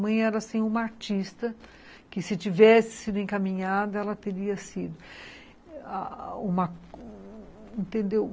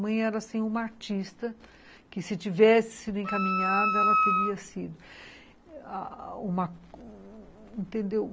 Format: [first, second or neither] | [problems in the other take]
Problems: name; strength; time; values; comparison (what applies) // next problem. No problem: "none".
first | background sound (Wind instrument, woodwind instrument); 4 dB above the speech